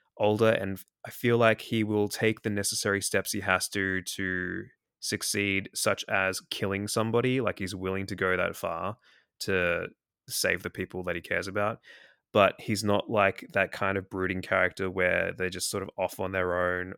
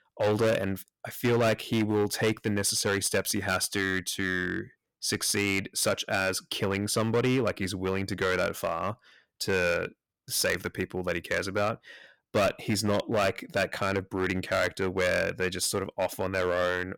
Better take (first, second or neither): first